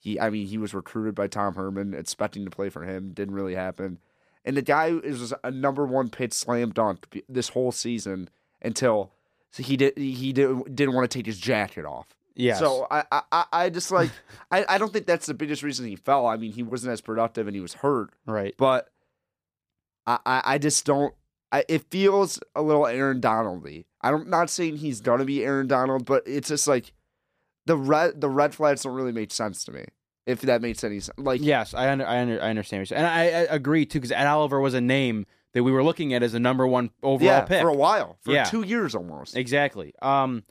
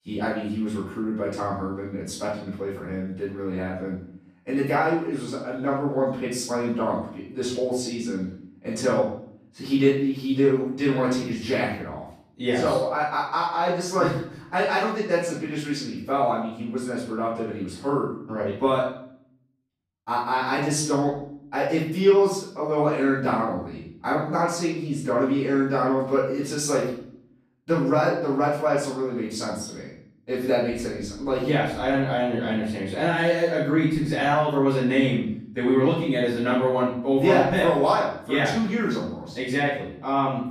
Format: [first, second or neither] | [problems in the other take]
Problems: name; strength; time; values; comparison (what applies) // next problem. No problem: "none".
first | off-mic speech; far // room echo; noticeable; dies away in 0.6 s